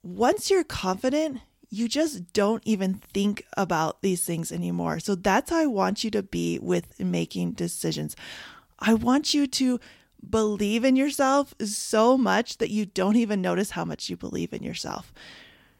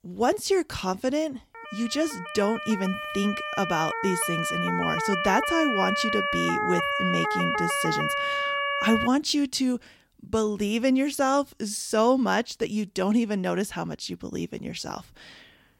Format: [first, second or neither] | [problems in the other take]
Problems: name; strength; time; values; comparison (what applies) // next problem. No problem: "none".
first | siren; loud; from 1.5 to 9 s; peak 2 dB above the speech